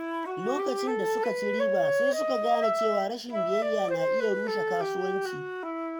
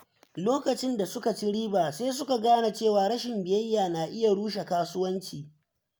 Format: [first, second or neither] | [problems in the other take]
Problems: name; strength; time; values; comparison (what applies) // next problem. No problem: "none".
second | background sound (Wind instrument, woodwind instrument); 4 dB above the speech